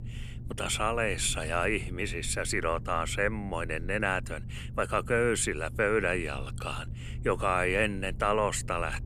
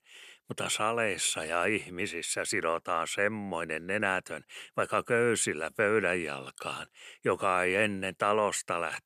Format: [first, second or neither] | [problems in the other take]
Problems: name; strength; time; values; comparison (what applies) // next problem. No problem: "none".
second | low rumble; faint; throughout; 25 dB below the speech